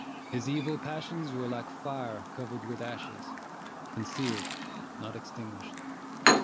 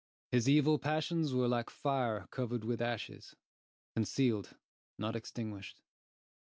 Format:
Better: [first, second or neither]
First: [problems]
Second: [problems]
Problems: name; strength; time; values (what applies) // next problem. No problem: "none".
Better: second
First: background sound (Chirp, tweet); 3 dB above the speech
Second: none